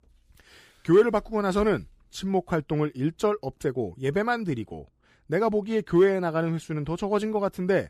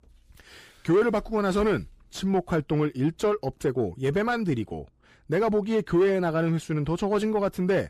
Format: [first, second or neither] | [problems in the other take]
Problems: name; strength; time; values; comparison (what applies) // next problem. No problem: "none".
first | distortion; slight; 10 dB below the speech